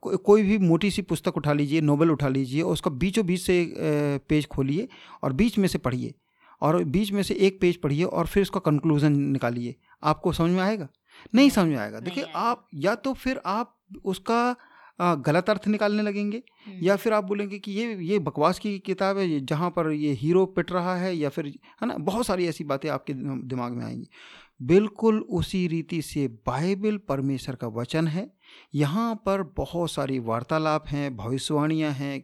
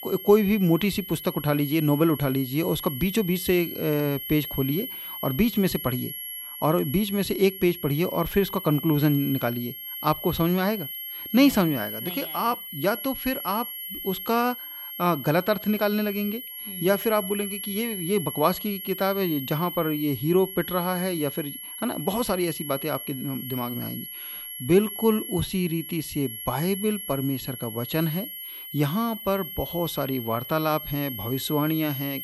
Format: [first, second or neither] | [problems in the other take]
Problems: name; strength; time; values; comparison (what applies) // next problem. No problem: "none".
first | high-pitched whine; loud; throughout; 11.5 kHz, 8 dB below the speech